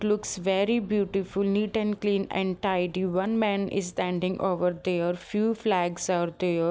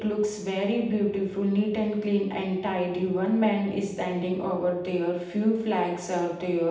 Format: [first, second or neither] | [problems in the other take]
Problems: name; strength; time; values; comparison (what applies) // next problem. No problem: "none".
first | room echo; dies away in 0.8 s